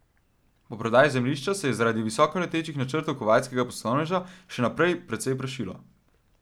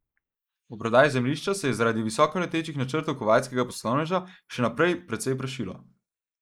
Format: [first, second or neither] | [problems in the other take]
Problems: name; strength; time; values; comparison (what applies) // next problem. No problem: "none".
first | noise reduction (neural mask model Resemble Enhance denoiser)